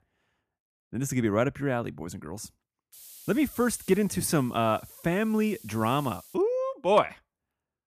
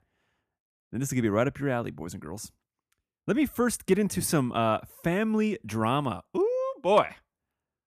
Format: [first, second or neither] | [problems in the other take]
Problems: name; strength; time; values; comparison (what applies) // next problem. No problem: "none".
second | hiss; faint; from 3 to 6.5 s; 20 dB below the speech